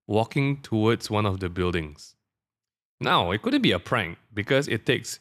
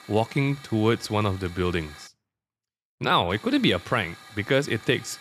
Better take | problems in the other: first | hiss; faint; until 2 s and from 3.5 s on; 20 dB below the speech

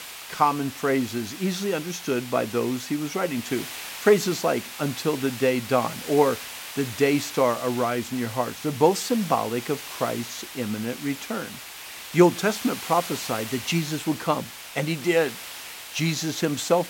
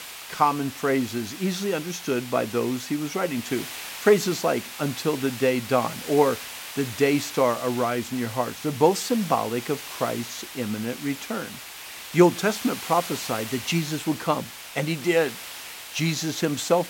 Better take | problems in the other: neither | hiss; noticeable; throughout; 10 dB below the speech; the same in both

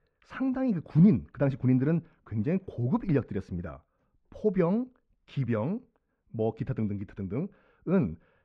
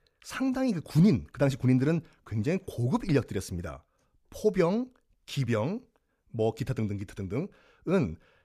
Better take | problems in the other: second | muffled; very; fading above 2 kHz

